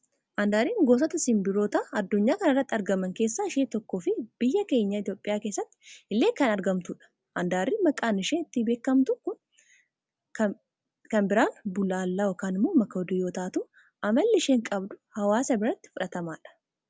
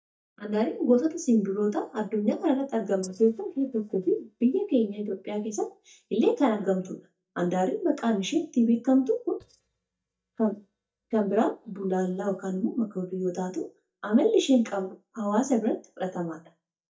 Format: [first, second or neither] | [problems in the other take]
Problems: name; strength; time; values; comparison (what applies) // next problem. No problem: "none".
first | noise reduction (neural mask model DeepFilterNet 3)